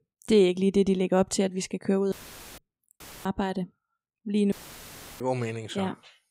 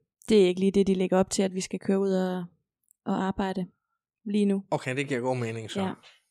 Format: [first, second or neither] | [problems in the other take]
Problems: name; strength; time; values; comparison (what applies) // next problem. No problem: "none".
second | audio cutting out; filled with static; at 2 s, at 3 s and at 4.5 s for 0.5 s